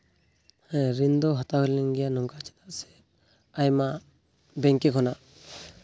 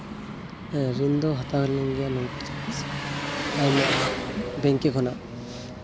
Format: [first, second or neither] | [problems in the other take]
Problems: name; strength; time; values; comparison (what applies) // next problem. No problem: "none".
first | background sound (Engine); 3 dB below the speech